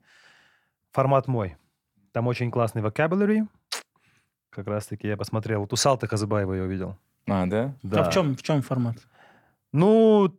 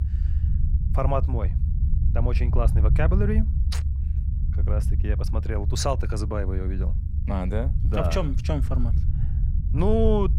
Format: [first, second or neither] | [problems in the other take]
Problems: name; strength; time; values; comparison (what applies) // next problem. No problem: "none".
first | low rumble; noticeable; throughout; 10 dB below the speech